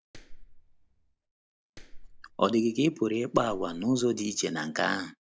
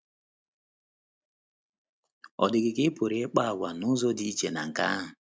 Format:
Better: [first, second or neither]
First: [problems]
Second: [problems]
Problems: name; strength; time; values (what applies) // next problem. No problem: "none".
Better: second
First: background sound (Clapping); 16 dB below the speech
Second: none